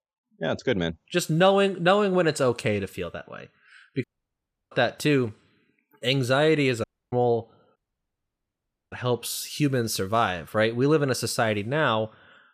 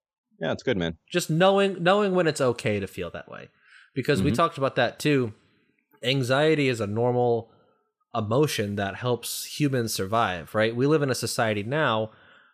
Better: second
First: audio cutting out; at 4 s for 0.5 s, at 7 s and at 8 s for 1 s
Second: none

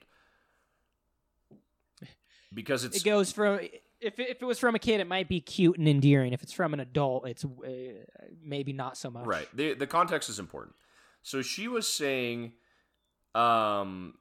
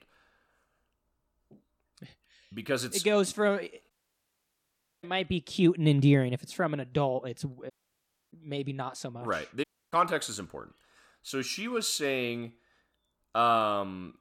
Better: first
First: none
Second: audio cutting out; at 4 s for 1 s, at 7.5 s for 0.5 s and at 9.5 s

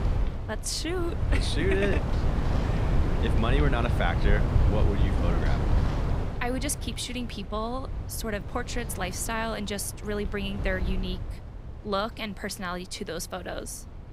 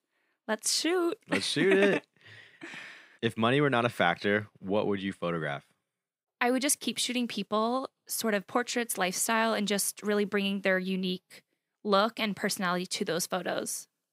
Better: second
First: wind noise on the microphone; heavy; 6 dB below the speech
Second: none

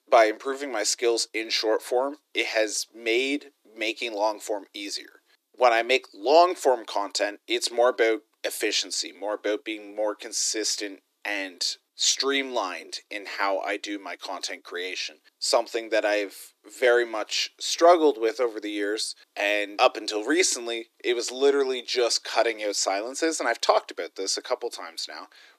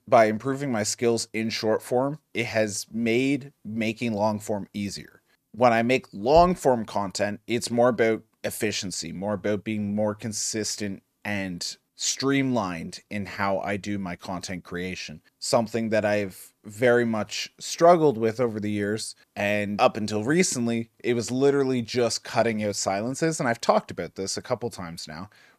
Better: second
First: thin; somewhat; fading below 300 Hz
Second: none

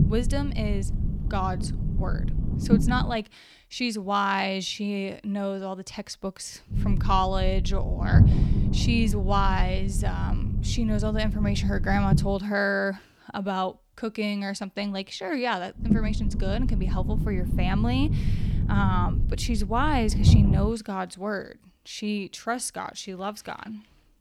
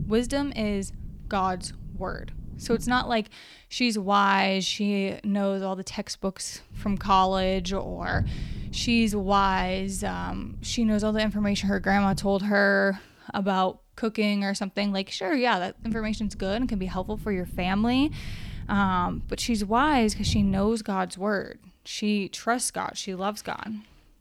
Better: second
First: low rumble; loud; until 3 s, from 7 to 12 s and from 16 to 21 s; 8 dB below the speech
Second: low rumble; faint; until 3 s, from 7 to 12 s and from 16 to 21 s; 25 dB below the speech

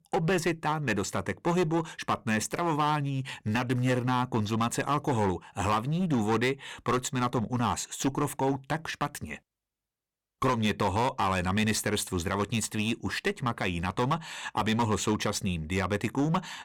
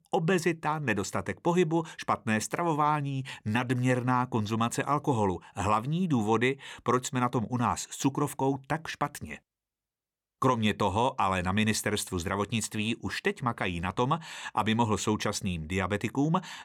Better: second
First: distortion; slight; 10% of the sound clipped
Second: none

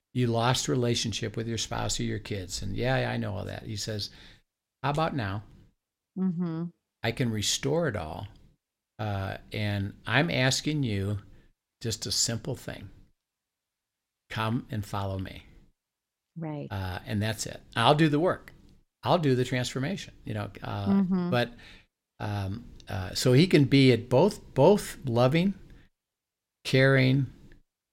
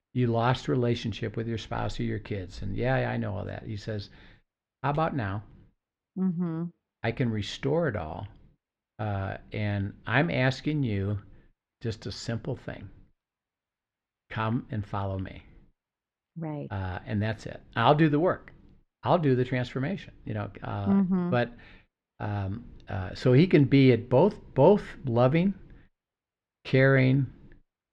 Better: first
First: none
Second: muffled; slightly; fading above 2.5 kHz

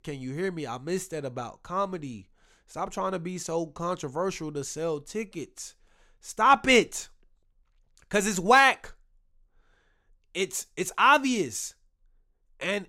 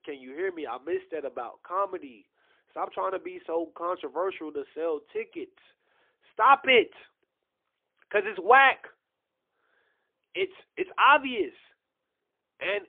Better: first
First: none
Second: phone-call audio; poor line

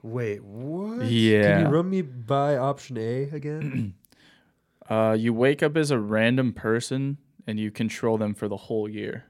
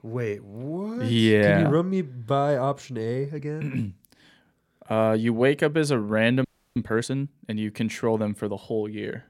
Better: first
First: none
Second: audio freezing; at 6.5 s

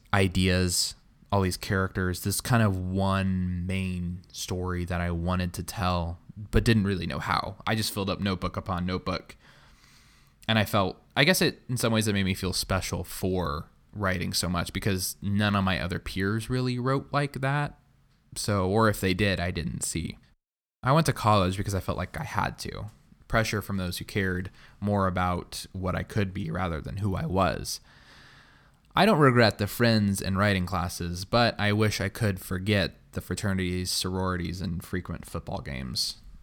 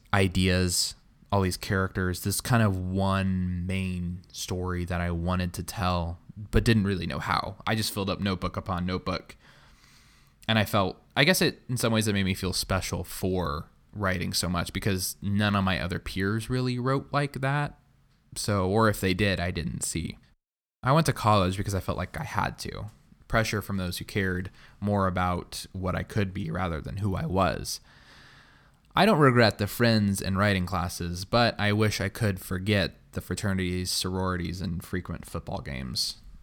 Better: neither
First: none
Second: none

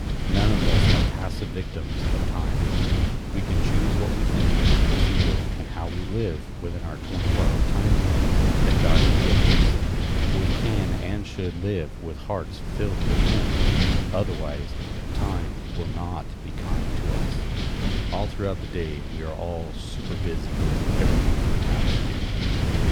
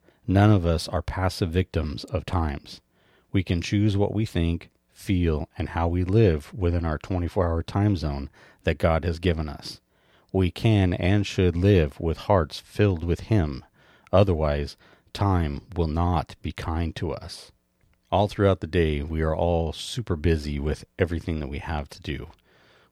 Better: second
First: wind noise on the microphone; heavy; 5 dB above the speech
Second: none

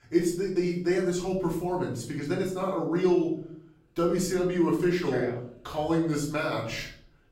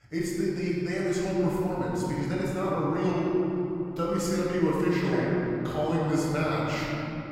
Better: first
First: room echo; slight; dies away in 0.6 s // off-mic speech; far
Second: room echo; strong; dies away in 3 s // off-mic speech; far

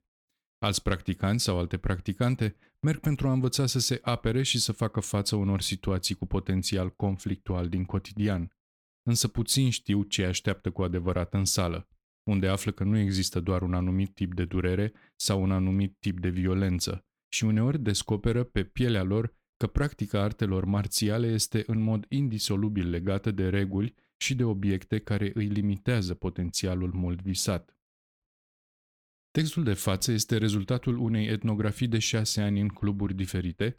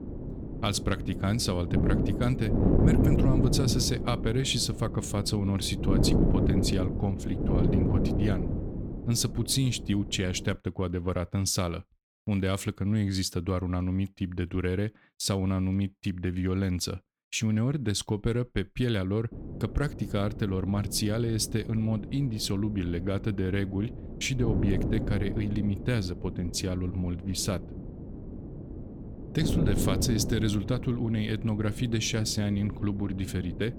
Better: first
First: none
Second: wind noise on the microphone; heavy; until 11 s and from 19 s on; 5 dB below the speech

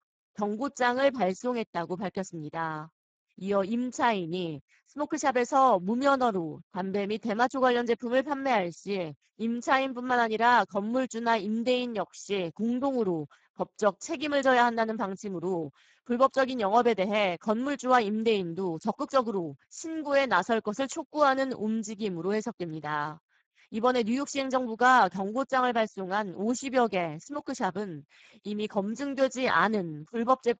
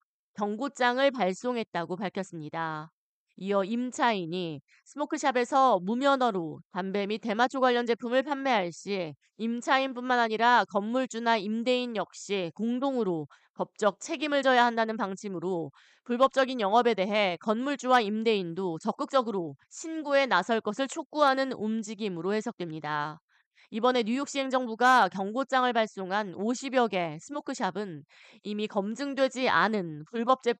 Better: second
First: garbled, watery; badly; nothing above 7.5 kHz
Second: none

